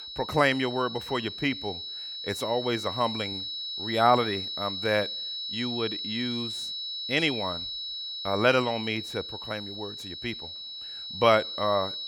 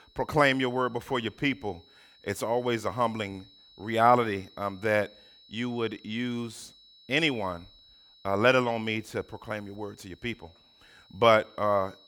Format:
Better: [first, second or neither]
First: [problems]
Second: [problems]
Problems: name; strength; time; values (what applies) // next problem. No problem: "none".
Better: second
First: high-pitched whine; loud; throughout; 4 kHz, 5 dB below the speech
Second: high-pitched whine; faint; throughout; 4 kHz, 25 dB below the speech